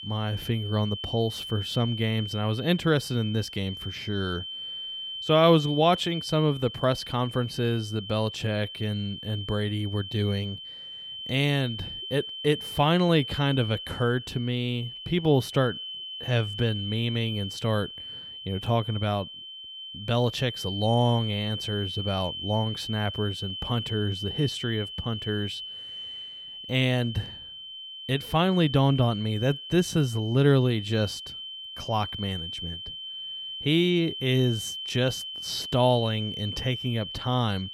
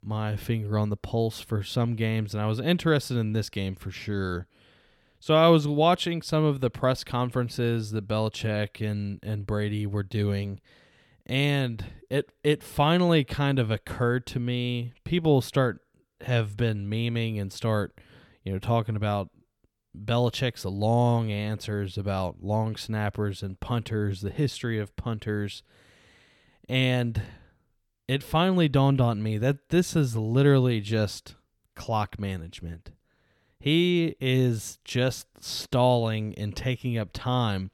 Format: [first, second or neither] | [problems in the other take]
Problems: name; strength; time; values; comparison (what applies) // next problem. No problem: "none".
second | high-pitched whine; loud; throughout; 3 kHz, 8 dB below the speech